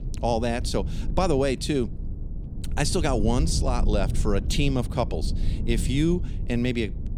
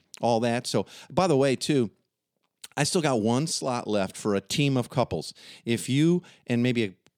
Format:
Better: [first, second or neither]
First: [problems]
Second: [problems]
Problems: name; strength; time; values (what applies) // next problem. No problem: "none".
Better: second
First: low rumble; noticeable; throughout; 15 dB below the speech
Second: none